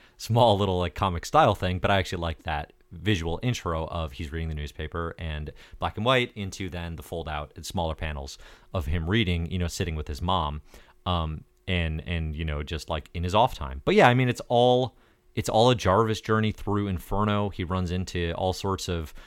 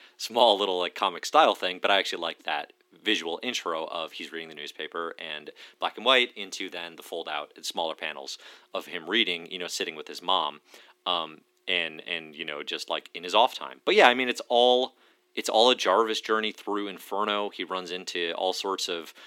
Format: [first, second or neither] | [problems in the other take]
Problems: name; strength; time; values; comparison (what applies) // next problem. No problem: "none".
first | thin; somewhat; fading below 250 Hz